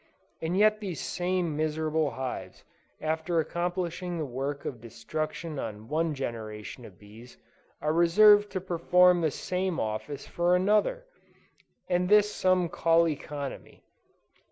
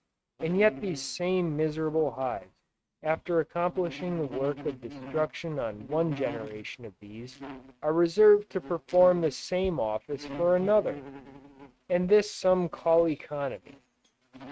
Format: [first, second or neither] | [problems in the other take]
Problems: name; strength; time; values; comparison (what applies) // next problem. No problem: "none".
first | noise reduction (neural mask model RNNoise)